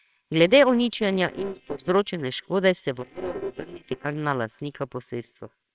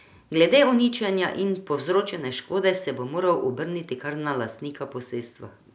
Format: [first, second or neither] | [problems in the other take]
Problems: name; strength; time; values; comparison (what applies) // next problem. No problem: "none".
second | noise reduction (neural separator model SepFormer WHAMR!)